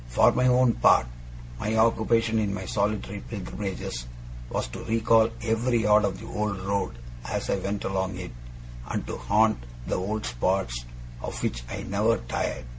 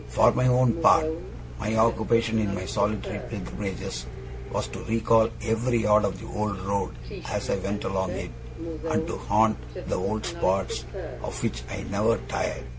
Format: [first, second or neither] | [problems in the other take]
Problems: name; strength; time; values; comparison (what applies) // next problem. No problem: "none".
first | background sound (Subway, metro, underground); 11 dB below the speech